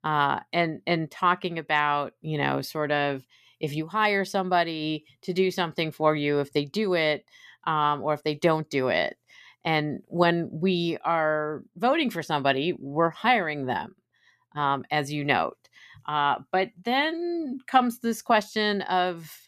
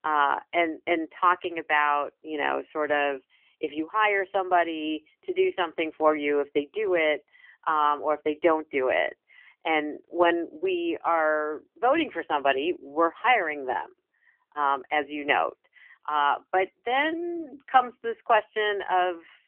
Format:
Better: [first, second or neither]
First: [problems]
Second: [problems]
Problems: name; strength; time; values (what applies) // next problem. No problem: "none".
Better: first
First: none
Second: phone-call audio; nothing above 3 kHz